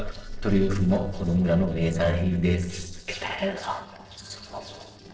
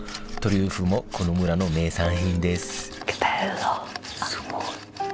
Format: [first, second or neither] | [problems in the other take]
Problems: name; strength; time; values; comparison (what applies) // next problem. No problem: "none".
second | noise reduction (neural separator model SepFormer DNS4)